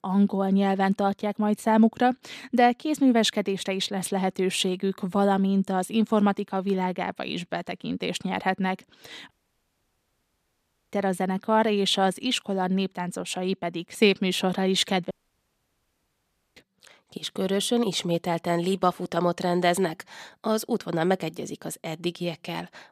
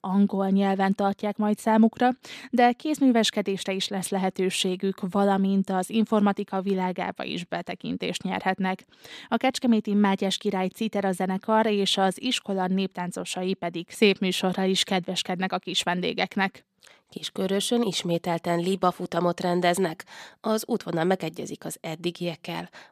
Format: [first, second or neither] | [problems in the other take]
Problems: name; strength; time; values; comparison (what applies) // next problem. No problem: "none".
second | audio cutting out; at 9.5 s for 1.5 s and at 15 s for 1.5 s